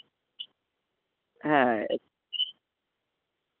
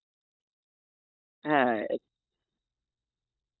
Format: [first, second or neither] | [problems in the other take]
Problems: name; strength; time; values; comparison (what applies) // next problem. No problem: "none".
first | noise reduction (neural mask model DeepFilterNet 3)